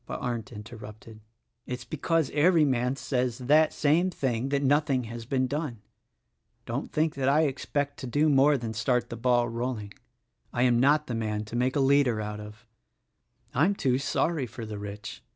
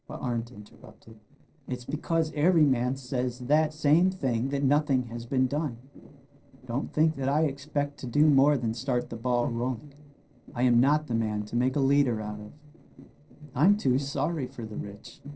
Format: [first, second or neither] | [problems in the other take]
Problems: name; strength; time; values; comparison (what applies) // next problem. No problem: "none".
first | noise reduction (neural separator model SepFormer DNS4)